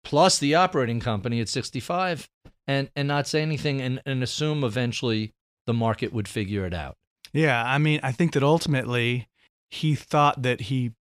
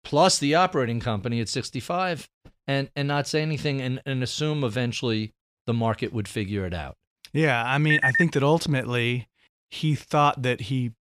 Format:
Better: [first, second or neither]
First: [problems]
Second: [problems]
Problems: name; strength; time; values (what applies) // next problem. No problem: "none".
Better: first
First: none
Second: phone ringing; loud; at 8 s; peak 4 dB above the speech